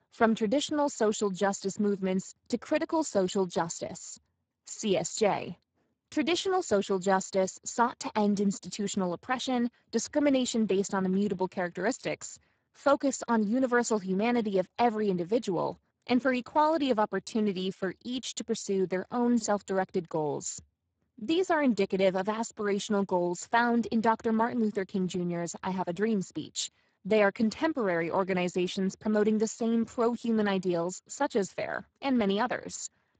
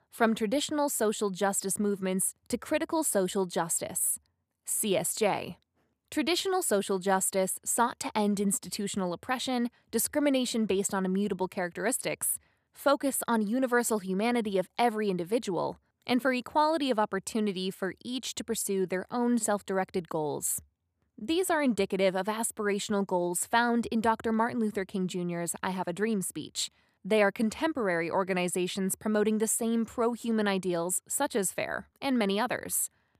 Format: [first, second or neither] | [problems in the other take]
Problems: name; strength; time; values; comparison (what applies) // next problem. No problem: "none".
second | garbled, watery; badly; nothing above 7.5 kHz